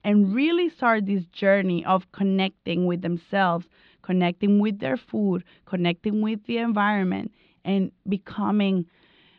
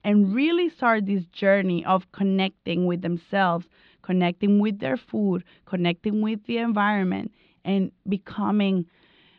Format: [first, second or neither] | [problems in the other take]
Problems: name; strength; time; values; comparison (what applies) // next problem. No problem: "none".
neither | muffled; slightly; fading above 4 kHz; the same in both